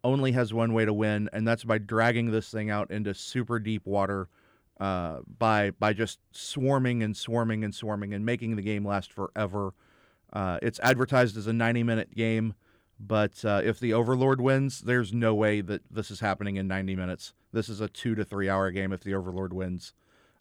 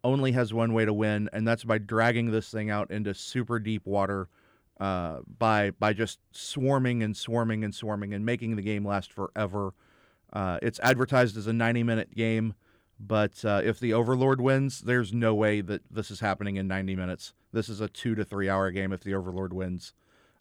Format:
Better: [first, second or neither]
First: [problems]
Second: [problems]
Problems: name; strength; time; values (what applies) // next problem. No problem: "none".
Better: neither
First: none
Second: none